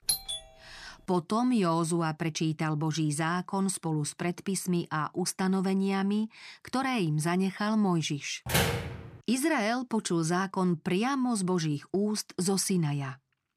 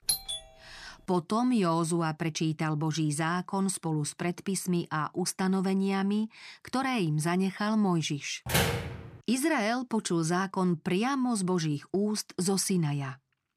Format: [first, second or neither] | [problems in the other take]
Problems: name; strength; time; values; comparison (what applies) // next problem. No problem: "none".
neither | doorbell; loud; at the start; peak level with the speech; the same in both // door banging; loud; at 8.5 s; peak 2 dB above the speech; the same in both